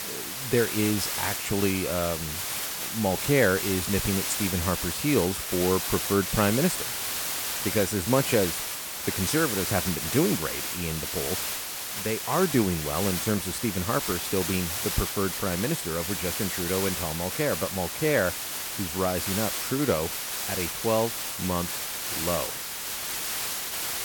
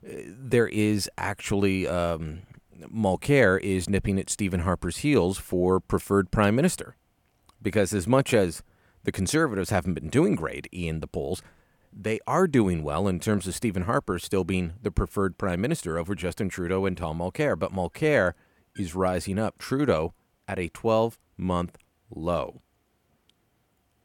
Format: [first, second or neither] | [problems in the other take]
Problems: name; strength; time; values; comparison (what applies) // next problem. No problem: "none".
second | hiss; loud; throughout; 1 dB below the speech